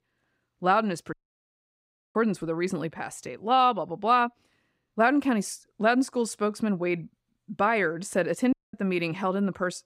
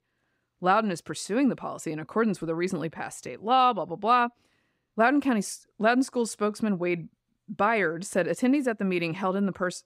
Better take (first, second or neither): second